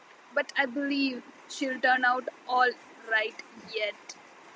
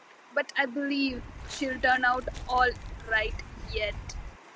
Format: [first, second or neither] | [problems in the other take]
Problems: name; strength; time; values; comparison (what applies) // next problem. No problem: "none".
first | background sound (Walk, footsteps); 10 dB below the speech